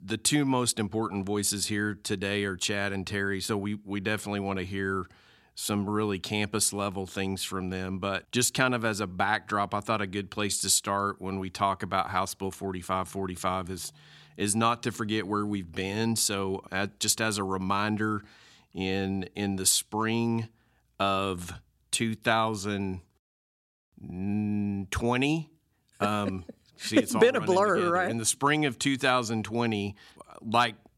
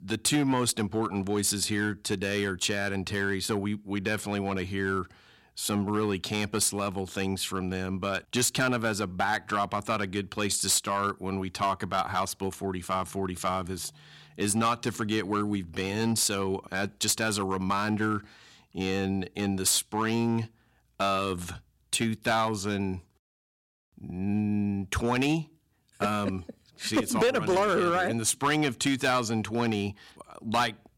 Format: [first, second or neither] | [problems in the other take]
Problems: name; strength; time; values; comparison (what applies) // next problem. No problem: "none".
first | distortion; slight; 4% of the sound clipped